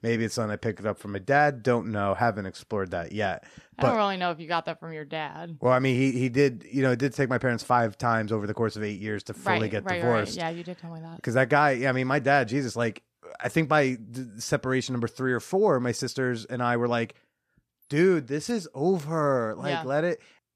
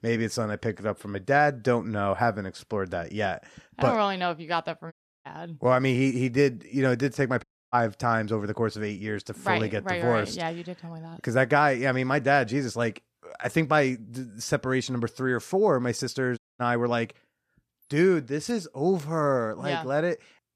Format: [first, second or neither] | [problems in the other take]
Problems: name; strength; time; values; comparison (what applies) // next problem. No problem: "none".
first | audio cutting out; at 5 s, at 7.5 s and at 16 s